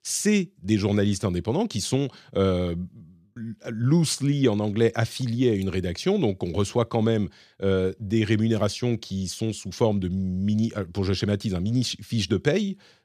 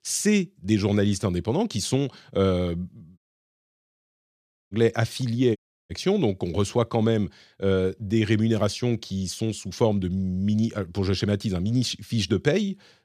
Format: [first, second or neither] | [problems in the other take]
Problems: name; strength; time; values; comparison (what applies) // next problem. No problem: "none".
first | audio cutting out; at 3 s for 1.5 s and at 5.5 s